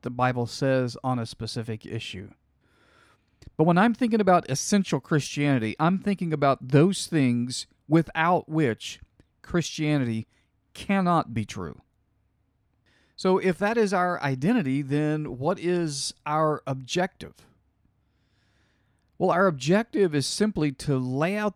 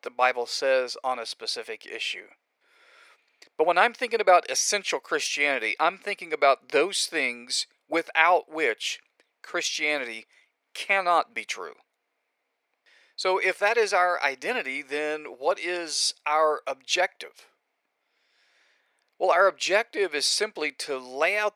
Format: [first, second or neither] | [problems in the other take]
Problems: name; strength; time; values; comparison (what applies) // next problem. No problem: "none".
first | thin; very; fading below 500 Hz